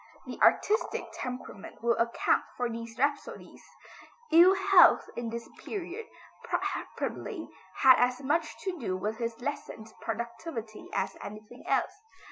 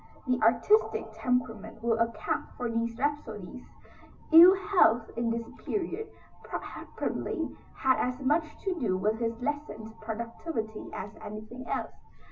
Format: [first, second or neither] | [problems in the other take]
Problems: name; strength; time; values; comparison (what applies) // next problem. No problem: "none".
first | background sound (Thunder); 20 dB below the speech // room echo; dies away in 0.4 s